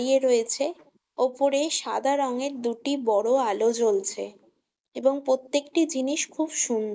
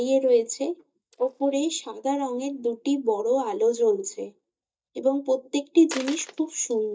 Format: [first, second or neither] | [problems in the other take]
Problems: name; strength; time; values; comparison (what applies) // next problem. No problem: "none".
first | noise reduction (neural mask model DeepFilterNet 3)